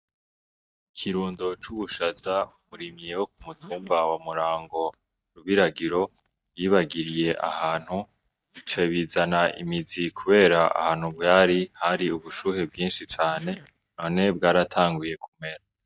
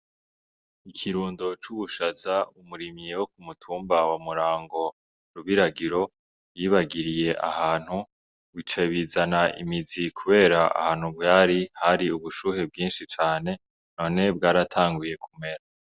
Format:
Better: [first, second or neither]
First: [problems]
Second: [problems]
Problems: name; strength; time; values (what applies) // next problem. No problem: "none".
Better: second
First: noise reduction (neural mask model DeepFilterNet 3)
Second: none